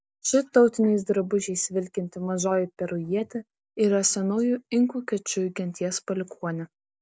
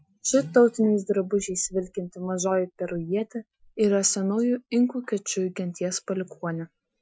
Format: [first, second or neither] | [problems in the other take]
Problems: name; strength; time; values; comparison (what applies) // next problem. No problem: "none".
first | noise reduction (classical method Wiener filter)